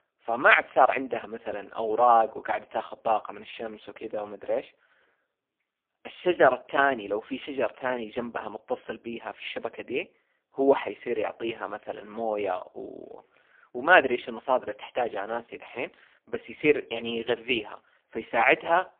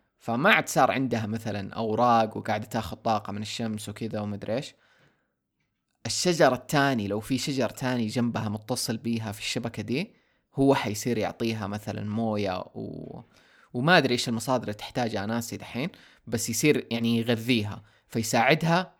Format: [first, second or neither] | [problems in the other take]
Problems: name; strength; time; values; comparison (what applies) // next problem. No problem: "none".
second | phone-call audio; poor line